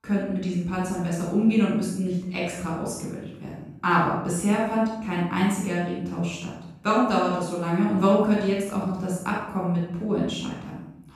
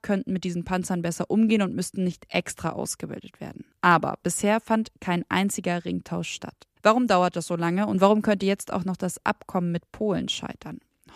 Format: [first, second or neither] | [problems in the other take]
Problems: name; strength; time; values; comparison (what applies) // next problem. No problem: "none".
second | off-mic speech; far // room echo; strong; dies away in 0.8 s